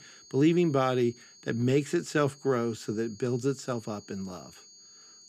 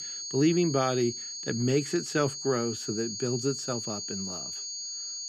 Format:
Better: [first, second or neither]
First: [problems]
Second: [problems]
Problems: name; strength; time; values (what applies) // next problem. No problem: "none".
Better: first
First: high-pitched whine; faint; throughout; 6.5 kHz, 20 dB below the speech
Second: high-pitched whine; loud; throughout; 6.5 kHz, 5 dB below the speech